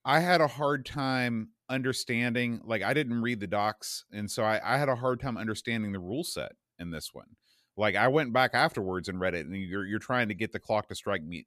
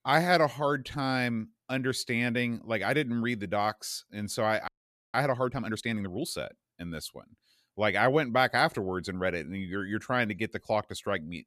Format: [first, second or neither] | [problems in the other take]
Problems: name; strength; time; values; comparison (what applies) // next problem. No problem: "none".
first | audio freezing; at 4.5 s